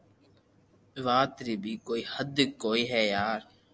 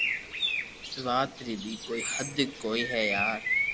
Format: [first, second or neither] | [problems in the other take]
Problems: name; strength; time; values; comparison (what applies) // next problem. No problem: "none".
first | background sound (Bird); as loud as the speech